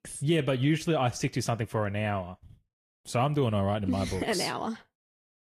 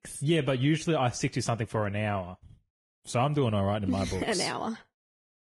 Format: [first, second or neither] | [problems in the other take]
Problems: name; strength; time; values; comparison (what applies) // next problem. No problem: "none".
first | garbled, watery; badly; nothing above 10.5 kHz; slightly in the first